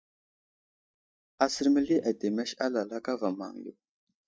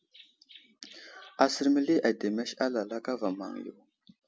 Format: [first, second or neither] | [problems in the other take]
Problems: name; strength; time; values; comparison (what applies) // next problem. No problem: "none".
second | noise reduction (neural mask model DeepFilterNet 3)